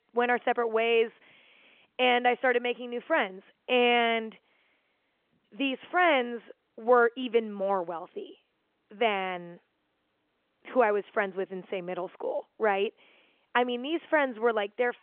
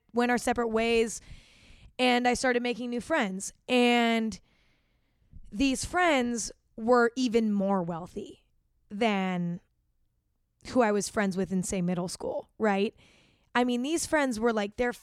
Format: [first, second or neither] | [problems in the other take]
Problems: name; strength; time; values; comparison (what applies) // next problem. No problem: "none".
second | phone-call audio; nothing above 3 kHz